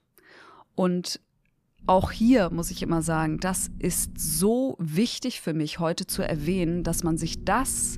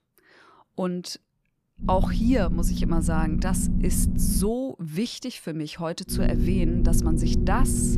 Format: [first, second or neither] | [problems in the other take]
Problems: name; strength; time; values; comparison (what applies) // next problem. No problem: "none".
first | low rumble; loud; from 2 to 4.5 s and from 6 s on; 5 dB below the speech; faint in the first